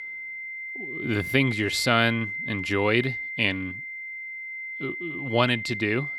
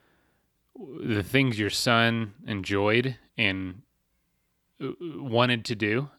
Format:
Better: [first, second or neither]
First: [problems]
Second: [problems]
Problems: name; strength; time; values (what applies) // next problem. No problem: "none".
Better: second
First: high-pitched whine; loud; throughout; 2 kHz, 6 dB below the speech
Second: none